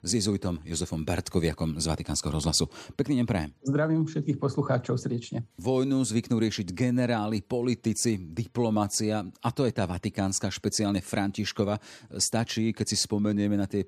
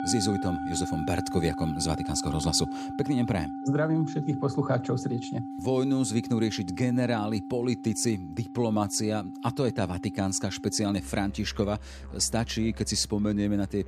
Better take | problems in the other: first | background music; loud; throughout; 9 dB below the speech

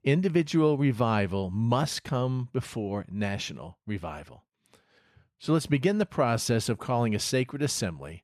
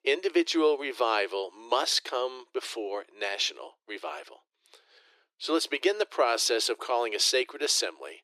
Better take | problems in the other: first | thin; very; fading below 350 Hz

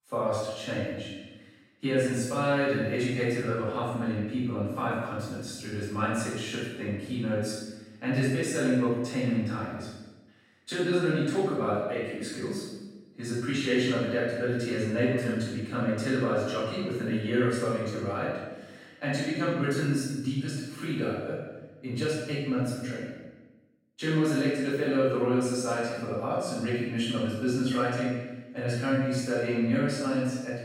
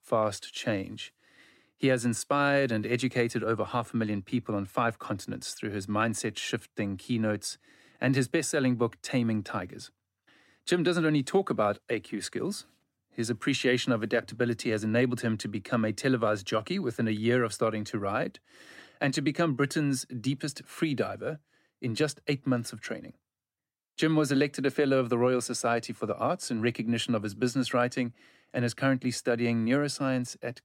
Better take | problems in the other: second | room echo; strong; dies away in 1 s // off-mic speech; far

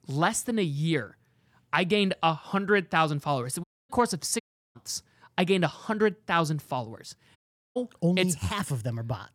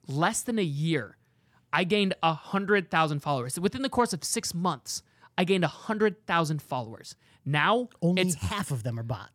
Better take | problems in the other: second | audio cutting out; at 3.5 s, at 4.5 s and at 7.5 s

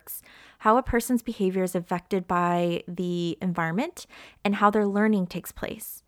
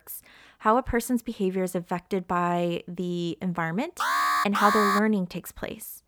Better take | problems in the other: first | alarm; loud; from 4 to 5 s; peak 4 dB above the speech

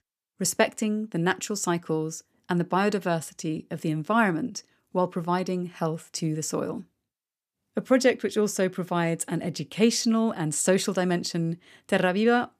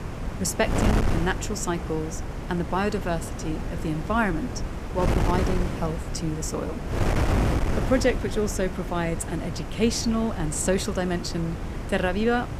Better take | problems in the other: first | wind noise on the microphone; heavy; 6 dB below the speech

